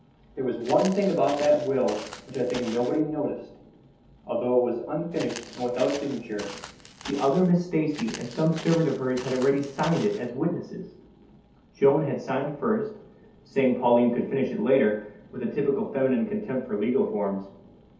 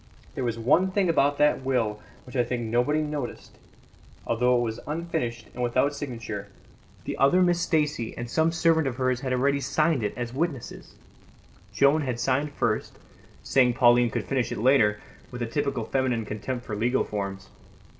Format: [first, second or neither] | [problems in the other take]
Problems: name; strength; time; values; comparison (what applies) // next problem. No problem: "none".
second | background sound (Walk, footsteps); 15 dB below the speech // room echo; dies away in 0.6 s